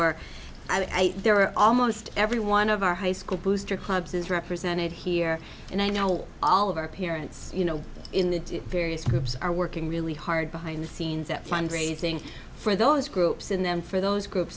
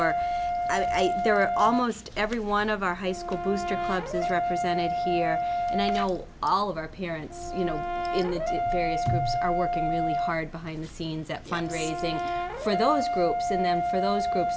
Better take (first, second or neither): first